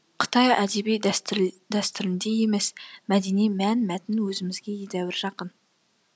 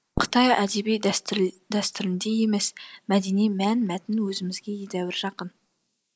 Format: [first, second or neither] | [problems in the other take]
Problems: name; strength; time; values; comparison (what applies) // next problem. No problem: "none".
first | noise reduction (neural mask model Resemble Enhance denoiser)